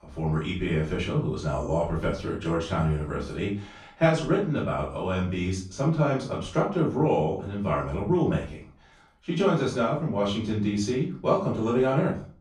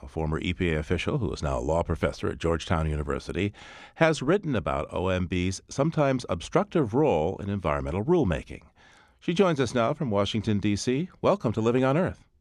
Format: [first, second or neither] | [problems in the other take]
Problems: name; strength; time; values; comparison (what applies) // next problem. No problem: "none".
second | off-mic speech; far // room echo; noticeable; dies away in 0.4 s